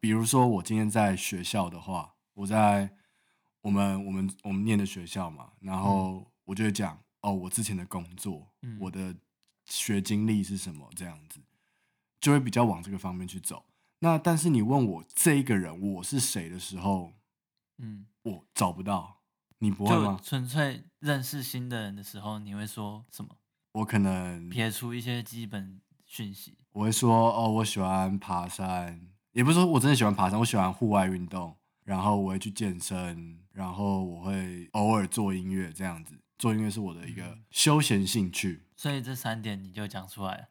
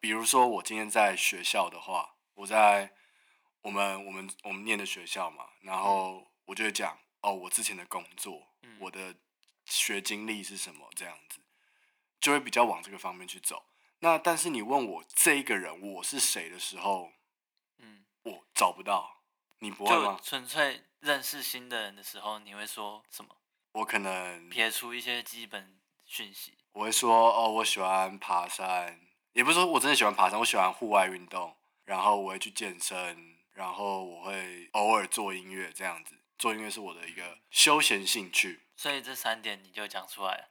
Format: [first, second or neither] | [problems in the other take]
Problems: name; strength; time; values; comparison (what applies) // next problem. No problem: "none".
first | thin; very; fading below 400 Hz